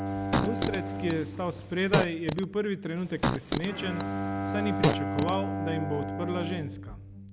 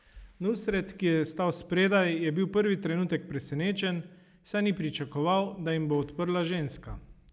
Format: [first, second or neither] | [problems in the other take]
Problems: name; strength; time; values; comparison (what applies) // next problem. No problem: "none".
second | background sound (Bowed string instrument + Fart); 1 dB above the speech